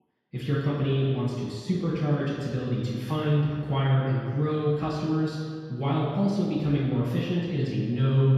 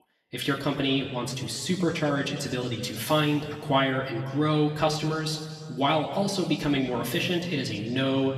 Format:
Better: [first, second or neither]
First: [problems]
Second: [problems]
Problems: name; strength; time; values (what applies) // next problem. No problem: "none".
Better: second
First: room echo; strong; dies away in 2 s // off-mic speech; far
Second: room echo; slight; dies away in 2 s // off-mic speech; somewhat distant